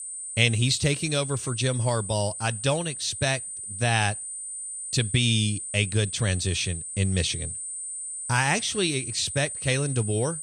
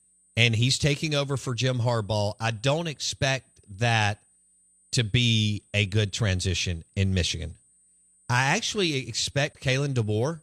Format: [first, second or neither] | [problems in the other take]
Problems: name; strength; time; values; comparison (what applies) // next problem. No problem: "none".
second | high-pitched whine; loud; throughout; 9 kHz, 7 dB below the speech; faint in the second